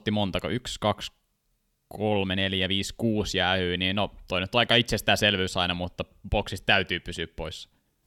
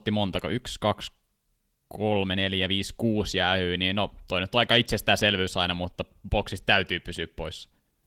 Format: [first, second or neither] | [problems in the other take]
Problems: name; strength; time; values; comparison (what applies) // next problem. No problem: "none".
first | garbled, watery; slightly; nothing above 18.5 kHz